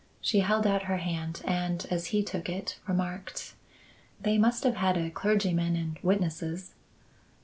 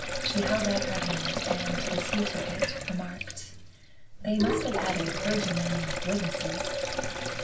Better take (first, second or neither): first